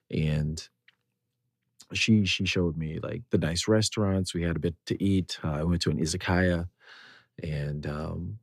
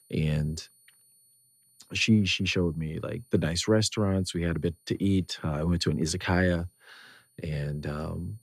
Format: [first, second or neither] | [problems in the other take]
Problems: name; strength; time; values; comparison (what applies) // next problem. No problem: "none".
first | high-pitched whine; faint; throughout; 9.5 kHz, 35 dB below the speech